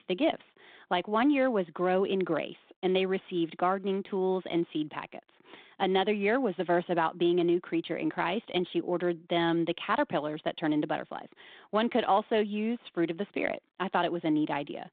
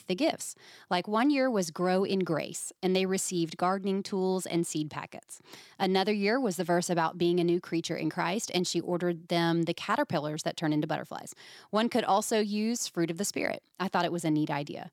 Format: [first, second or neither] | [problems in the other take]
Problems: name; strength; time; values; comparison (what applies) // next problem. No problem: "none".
second | phone-call audio